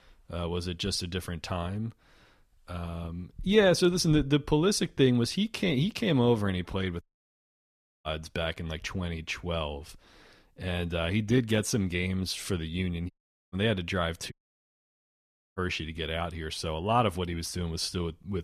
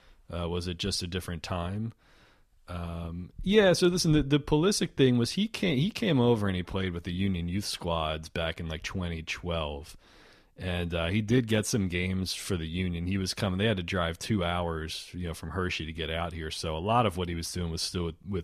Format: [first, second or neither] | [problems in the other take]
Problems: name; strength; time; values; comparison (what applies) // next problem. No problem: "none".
second | audio cutting out; at 7 s for 1 s, at 13 s and at 14 s for 1 s